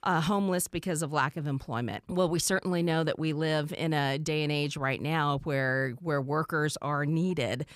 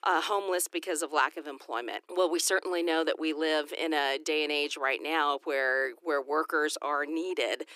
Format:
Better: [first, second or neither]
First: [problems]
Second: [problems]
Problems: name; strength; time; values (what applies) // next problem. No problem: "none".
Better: first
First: none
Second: thin; very; fading below 300 Hz